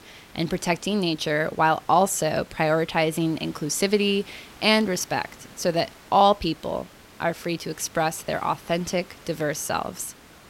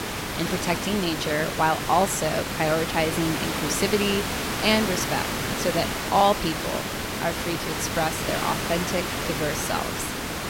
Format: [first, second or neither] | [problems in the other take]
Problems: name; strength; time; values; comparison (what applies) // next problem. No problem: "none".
first | hiss; loud; throughout; 2 dB below the speech; faint in the first